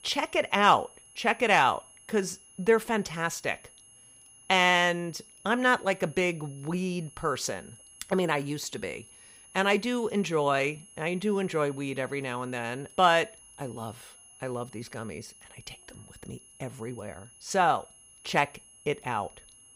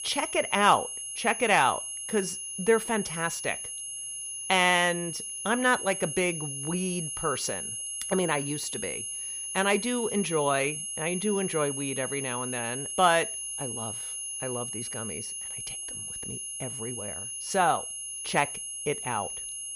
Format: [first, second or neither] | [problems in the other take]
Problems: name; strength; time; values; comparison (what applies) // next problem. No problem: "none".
first | high-pitched whine; loud; throughout; 10.5 kHz, 5 dB below the speech; faint in the first